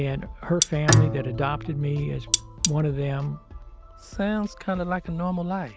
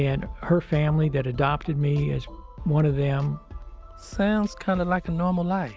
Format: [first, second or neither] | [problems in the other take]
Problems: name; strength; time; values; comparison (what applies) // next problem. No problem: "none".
second | background sound (Bowed string instrument + Cutlery, silverware); 1 dB below the speech